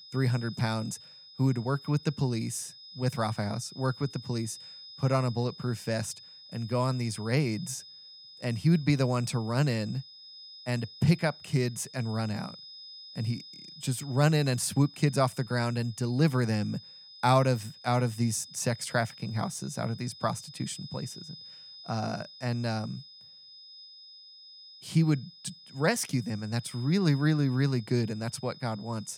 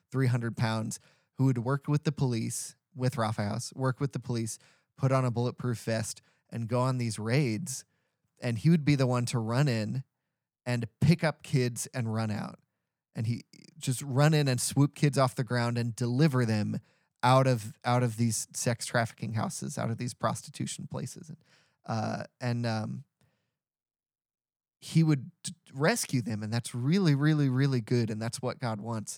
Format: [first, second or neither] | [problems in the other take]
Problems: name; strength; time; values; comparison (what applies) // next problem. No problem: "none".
second | high-pitched whine; noticeable; throughout; 5 kHz, 15 dB below the speech